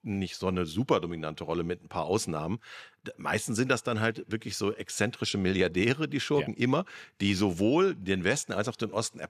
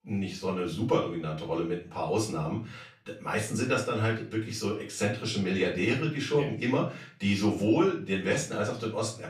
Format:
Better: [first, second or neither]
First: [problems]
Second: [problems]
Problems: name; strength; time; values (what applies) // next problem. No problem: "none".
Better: first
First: none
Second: off-mic speech; far // room echo; slight; dies away in 0.3 s